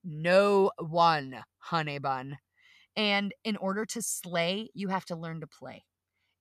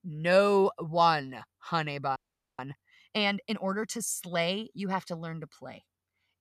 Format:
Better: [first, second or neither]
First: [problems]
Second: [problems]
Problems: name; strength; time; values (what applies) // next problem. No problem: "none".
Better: first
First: none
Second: audio freezing; at 2 s